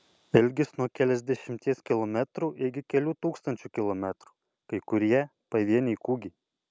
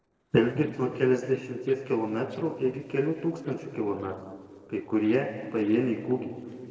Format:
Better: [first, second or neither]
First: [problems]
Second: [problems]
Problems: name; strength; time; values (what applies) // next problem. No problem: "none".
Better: first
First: none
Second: noise reduction (neural separator model SepFormer DNS4)